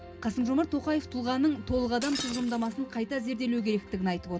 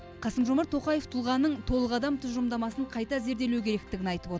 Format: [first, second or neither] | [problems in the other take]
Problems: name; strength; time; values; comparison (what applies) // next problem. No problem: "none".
second | background sound (Shatter); 14 dB below the speech // room echo; dies away in 0.3 s